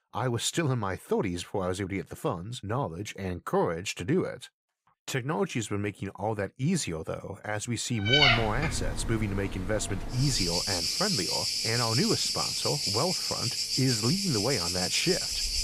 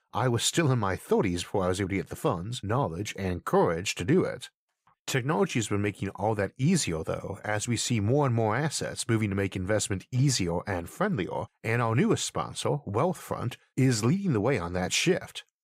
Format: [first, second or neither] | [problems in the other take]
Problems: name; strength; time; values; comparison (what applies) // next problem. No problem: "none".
second | animal sounds; very loud; from 8 s on; 3 dB above the speech